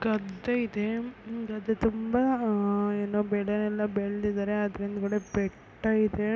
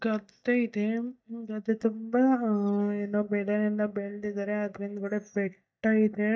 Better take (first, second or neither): first